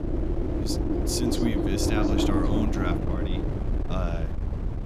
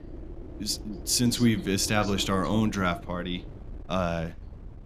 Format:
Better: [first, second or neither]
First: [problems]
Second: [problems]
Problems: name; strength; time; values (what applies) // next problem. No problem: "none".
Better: second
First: wind noise on the microphone; heavy; 2 dB above the speech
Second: wind noise on the microphone; occasional gusts; 20 dB below the speech